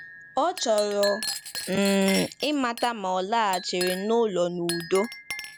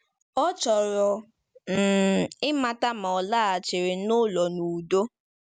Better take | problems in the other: second | background sound (Chink, clink); 11 dB below the speech

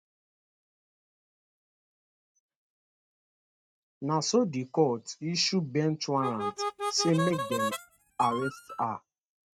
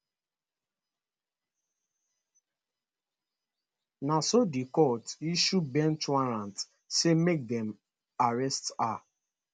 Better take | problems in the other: second | noise reduction (neural mask model RNNoise)

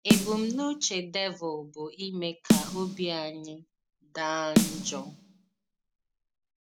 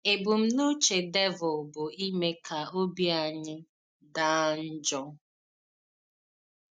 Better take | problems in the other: second | background sound (Snare drum); 3 dB above the speech

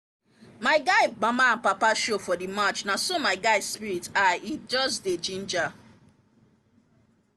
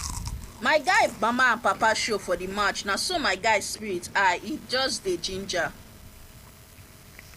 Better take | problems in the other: first | background sound (Chewing, mastication); 16 dB below the speech

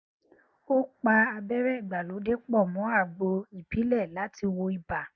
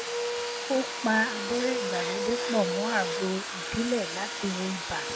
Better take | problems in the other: first | background sound (Domestic sounds, home sounds); 2 dB below the speech

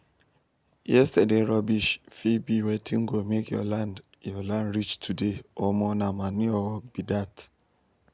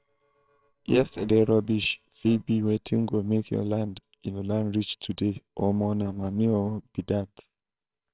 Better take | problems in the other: first | noise reduction (neural separator model SepFormer WHAMR!)

